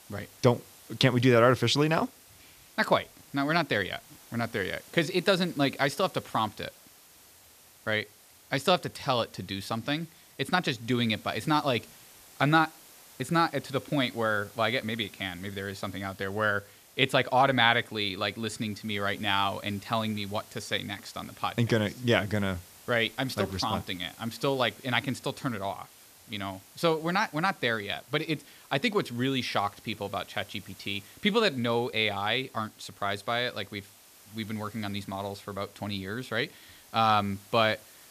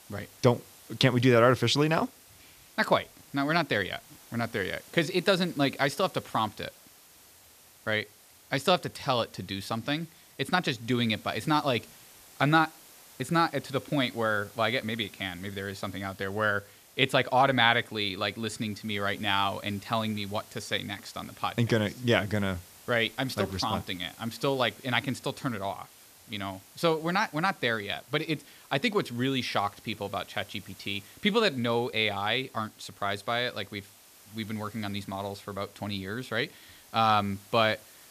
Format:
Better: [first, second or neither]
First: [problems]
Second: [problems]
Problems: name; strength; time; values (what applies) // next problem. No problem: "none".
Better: neither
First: hiss; faint; throughout; 25 dB below the speech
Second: hiss; faint; throughout; 25 dB below the speech